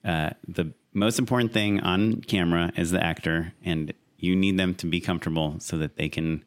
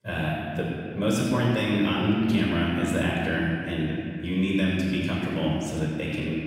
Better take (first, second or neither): first